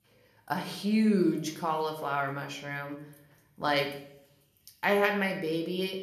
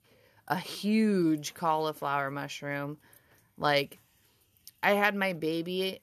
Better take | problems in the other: second | room echo; slight; dies away in 0.6 s

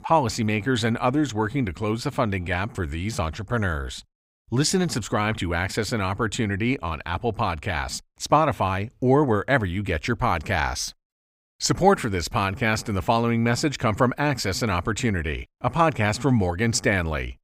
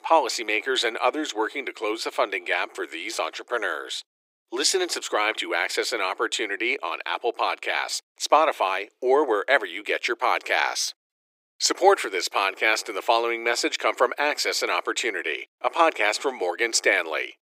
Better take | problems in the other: first | thin; very; fading below 350 Hz

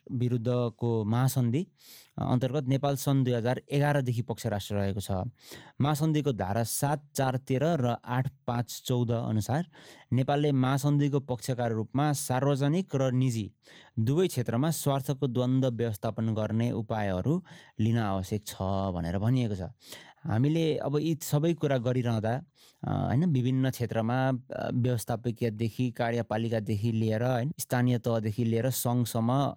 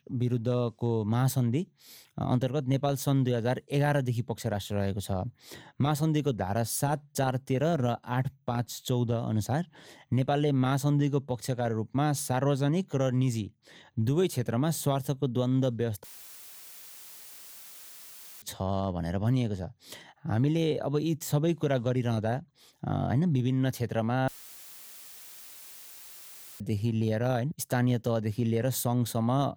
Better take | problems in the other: first | audio cutting out; filled with static; at 16 s for 2.5 s and at 24 s for 2.5 s

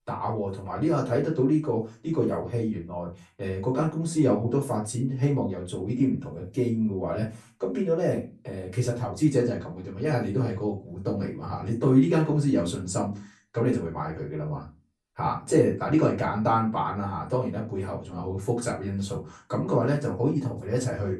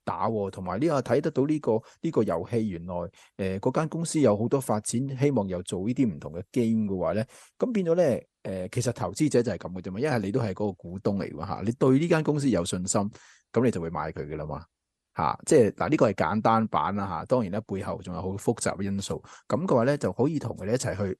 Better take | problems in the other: second | room echo; slight; dies away in 0.3 s // off-mic speech; far

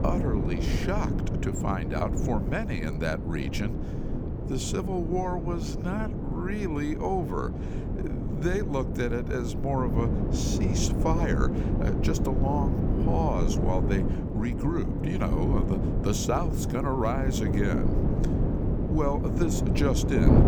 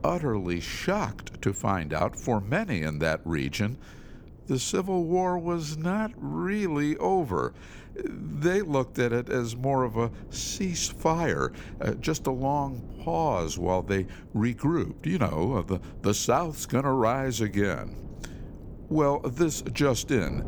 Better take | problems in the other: second | wind noise on the microphone; heavy; 3 dB below the speech; occasional gusts in the second

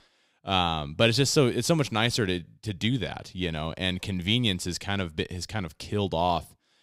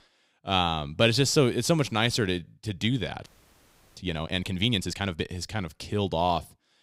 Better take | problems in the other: first | audio freezing; at 3.5 s for 0.5 s

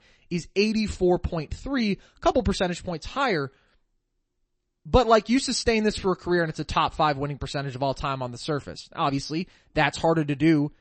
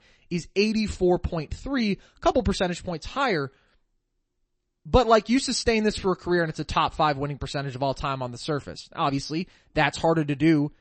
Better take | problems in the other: neither | garbled, watery; slightly; nothing above 8 kHz; the same in both

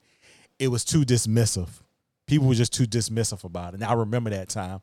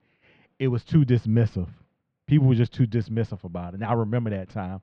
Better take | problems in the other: first | muffled; very; fading above 3 kHz

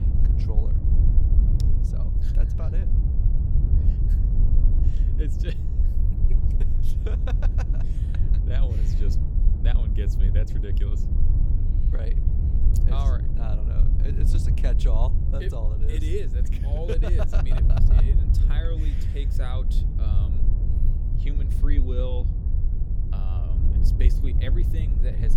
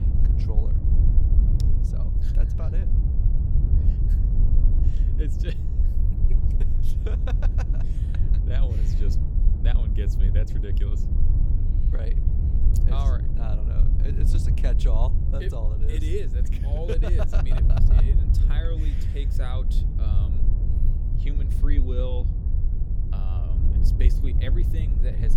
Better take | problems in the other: neither | low rumble; loud; throughout; 2 dB below the speech; the same in both

